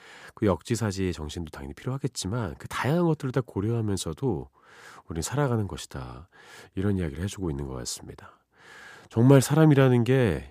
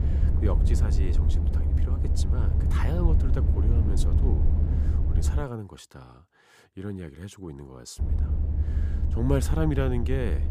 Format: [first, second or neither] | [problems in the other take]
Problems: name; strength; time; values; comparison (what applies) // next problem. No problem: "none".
first | low rumble; loud; until 5.5 s and from 8 s on; 5 dB below the speech